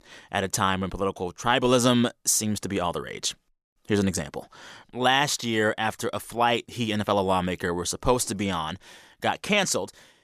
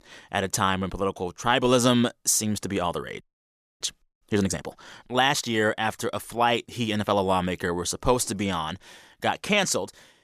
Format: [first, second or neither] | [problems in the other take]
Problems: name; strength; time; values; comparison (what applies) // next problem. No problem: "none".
first | audio freezing; at 3 s for 0.5 s